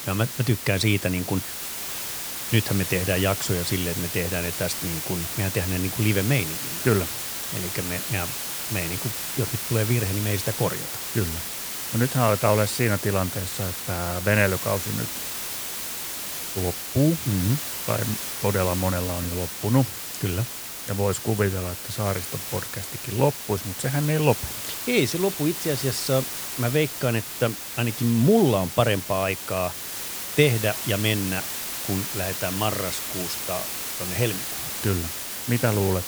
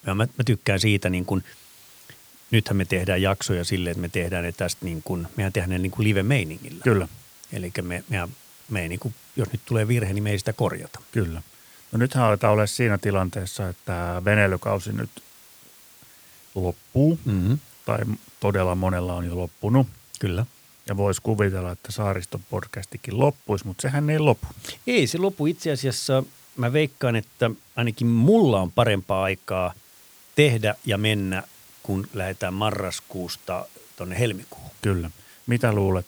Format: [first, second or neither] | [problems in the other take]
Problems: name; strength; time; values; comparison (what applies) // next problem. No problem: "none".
second | hiss; loud; throughout; 3 dB below the speech; faint in the second